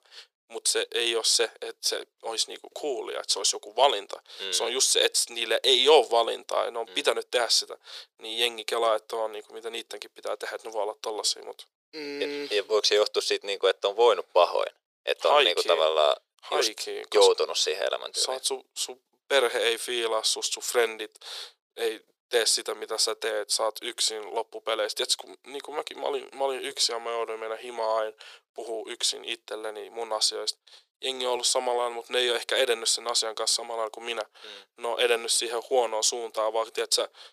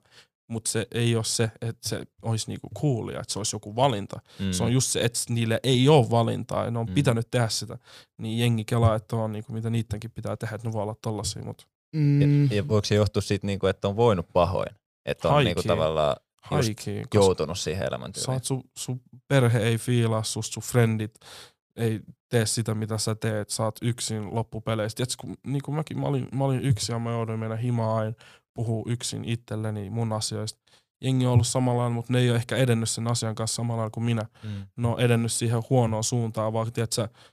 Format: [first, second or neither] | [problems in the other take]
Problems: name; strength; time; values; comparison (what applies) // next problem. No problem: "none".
second | thin; very; fading below 400 Hz